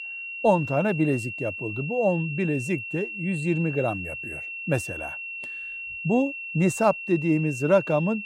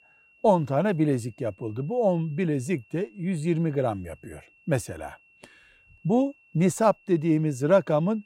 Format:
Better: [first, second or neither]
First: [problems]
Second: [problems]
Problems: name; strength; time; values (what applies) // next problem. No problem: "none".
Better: second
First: high-pitched whine; loud; throughout; 2.5 kHz, 7 dB below the speech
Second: high-pitched whine; faint; throughout; 2.5 kHz, 30 dB below the speech